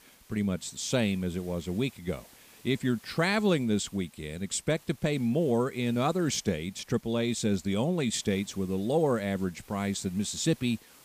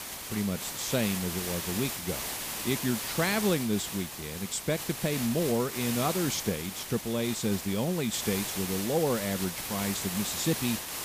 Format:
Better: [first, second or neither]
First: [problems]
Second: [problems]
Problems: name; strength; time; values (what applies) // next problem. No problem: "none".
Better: first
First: hiss; faint; throughout; 25 dB below the speech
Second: hiss; loud; throughout; 3 dB below the speech